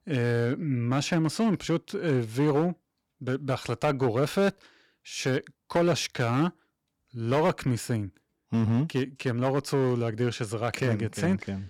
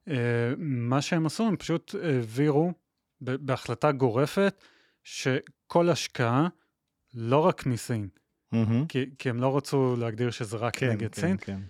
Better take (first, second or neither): second